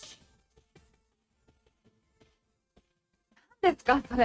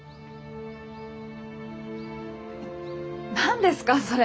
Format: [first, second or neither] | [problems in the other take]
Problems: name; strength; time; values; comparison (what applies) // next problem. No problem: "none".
second | noise reduction (neural mask model RNNoise)